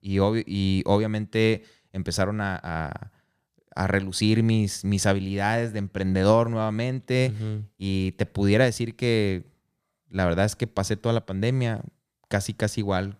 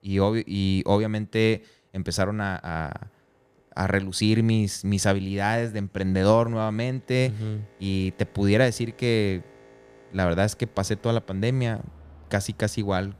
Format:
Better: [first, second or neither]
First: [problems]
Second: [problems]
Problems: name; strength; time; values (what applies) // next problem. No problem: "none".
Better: first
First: none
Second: train or aircraft noise; faint; throughout; 30 dB below the speech